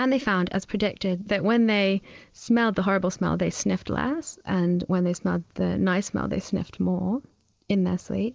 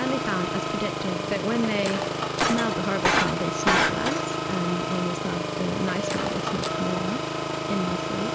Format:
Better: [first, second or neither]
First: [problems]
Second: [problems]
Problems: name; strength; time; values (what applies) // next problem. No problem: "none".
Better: first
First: none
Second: background sound (Engine + Shatter); 3 dB above the speech